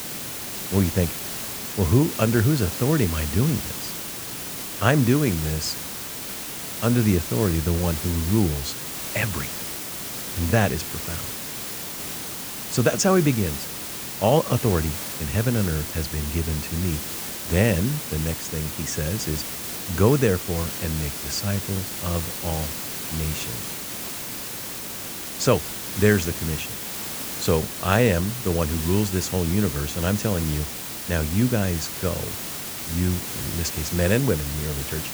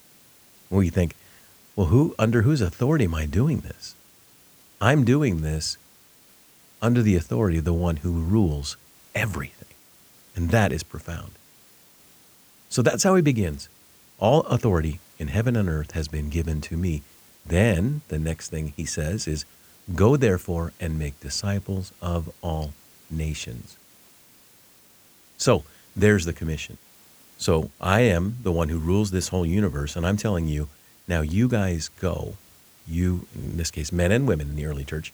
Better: second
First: hiss; loud; throughout; 5 dB below the speech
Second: hiss; faint; throughout; 25 dB below the speech

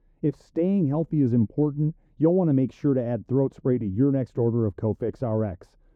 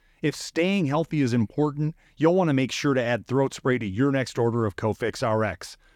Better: second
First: muffled; very; fading above 1 kHz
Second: none

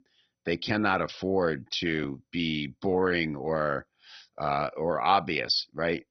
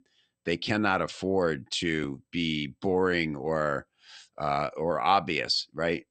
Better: second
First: garbled, watery; badly; nothing above 5 kHz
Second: garbled, watery; slightly; nothing above 8.5 kHz

